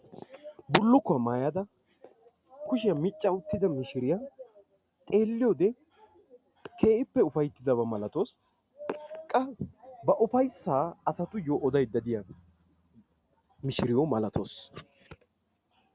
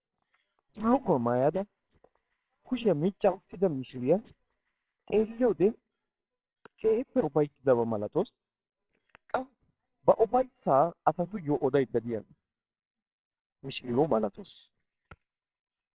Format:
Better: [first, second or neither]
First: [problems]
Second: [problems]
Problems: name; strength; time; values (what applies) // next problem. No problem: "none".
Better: first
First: none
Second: noise reduction (neural separator model SepFormer WHAMR!)